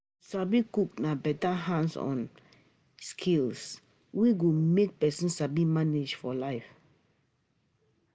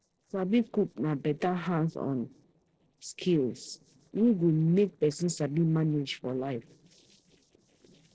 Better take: first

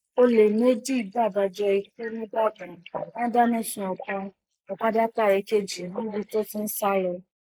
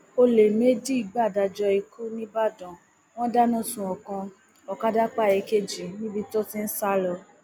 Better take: second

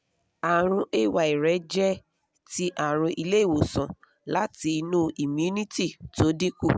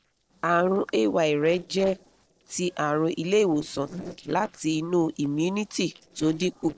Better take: first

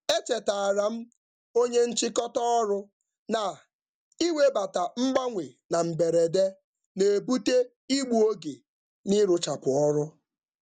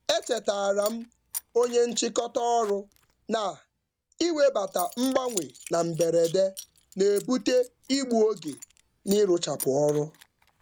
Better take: first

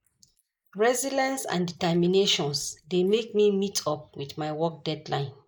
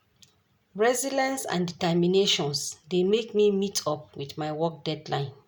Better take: second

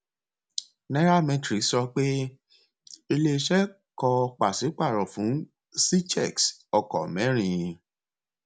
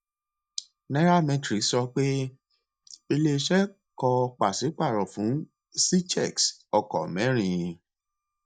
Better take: first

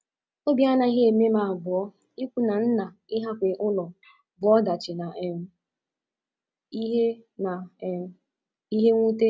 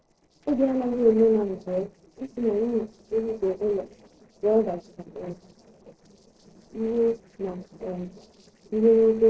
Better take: first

